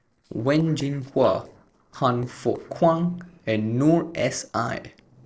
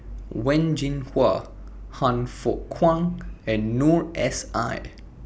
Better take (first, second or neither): second